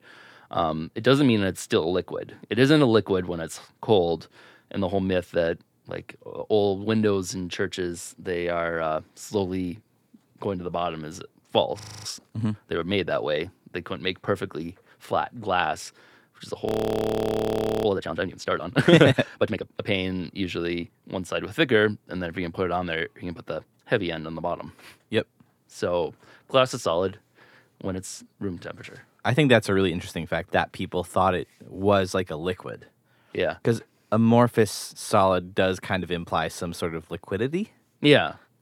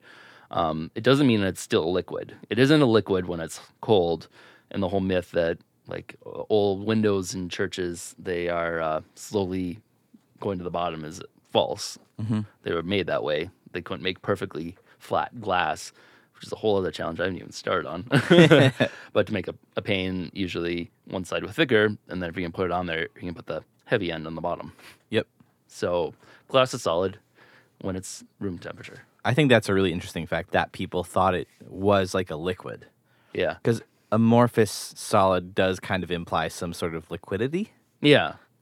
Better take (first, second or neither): second